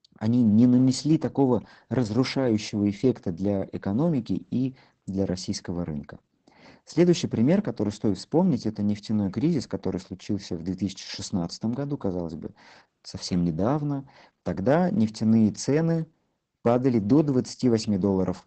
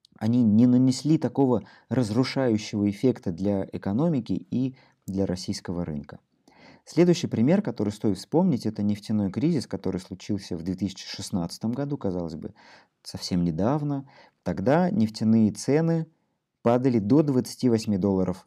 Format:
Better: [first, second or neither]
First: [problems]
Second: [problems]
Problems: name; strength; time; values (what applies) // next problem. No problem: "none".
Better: second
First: garbled, watery; badly; nothing above 8 kHz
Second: none